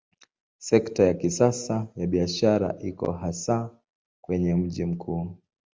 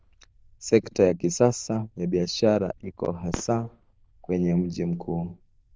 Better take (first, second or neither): first